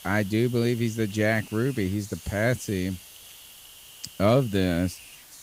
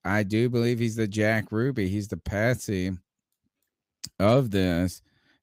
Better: second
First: hiss; noticeable; throughout; 20 dB below the speech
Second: none

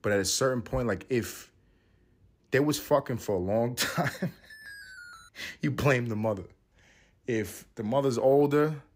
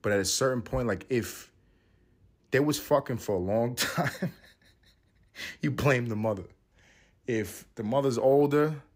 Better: second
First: alarm; faint; at 4.5 s; peak 15 dB below the speech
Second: none

